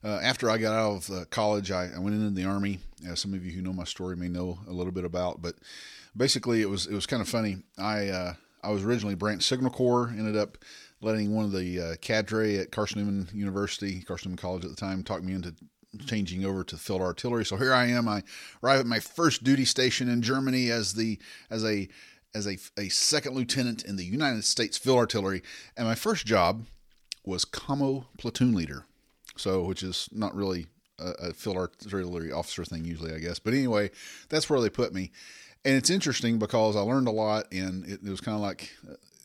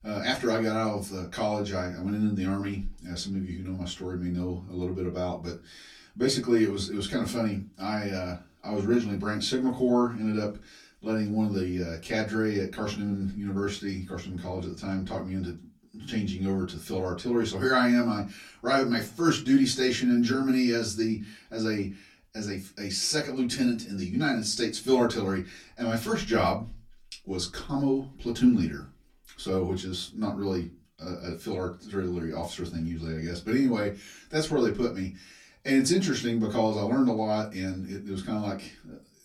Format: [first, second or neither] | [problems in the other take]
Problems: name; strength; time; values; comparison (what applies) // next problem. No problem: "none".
first | off-mic speech; far // room echo; very slight; dies away in 0.2 s